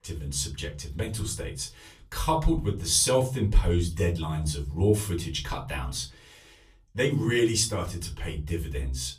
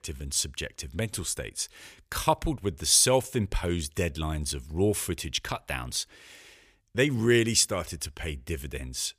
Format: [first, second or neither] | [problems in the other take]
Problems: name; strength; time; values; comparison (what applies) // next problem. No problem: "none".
second | off-mic speech; far // room echo; very slight; dies away in 0.5 s